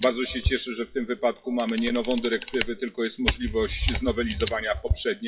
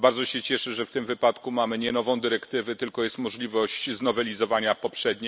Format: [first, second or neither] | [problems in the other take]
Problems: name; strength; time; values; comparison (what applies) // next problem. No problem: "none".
second | noise reduction (classical method WPE with log-MMSE)